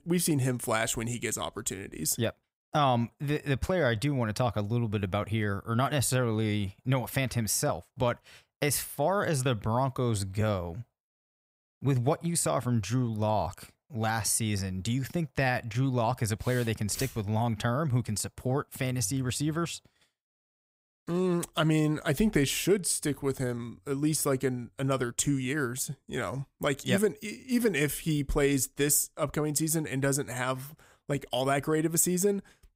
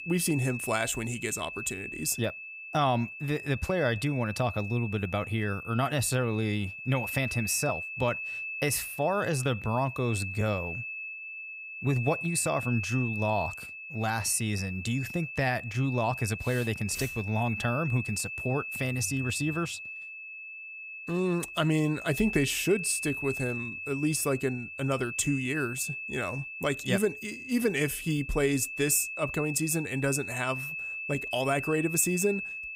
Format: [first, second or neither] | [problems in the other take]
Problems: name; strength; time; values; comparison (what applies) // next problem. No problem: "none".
first | high-pitched whine; loud; throughout; 2.5 kHz, 7 dB below the speech